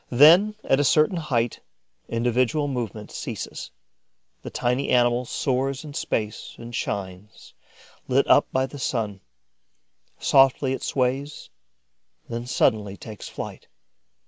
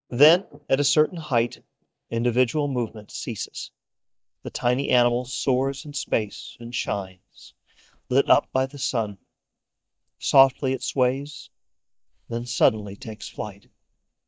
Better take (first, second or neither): first